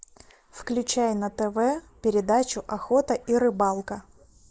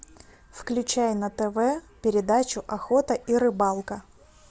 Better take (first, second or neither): second